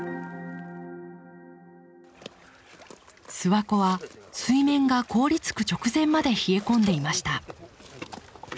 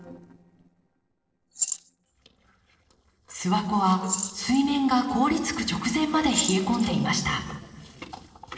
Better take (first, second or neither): first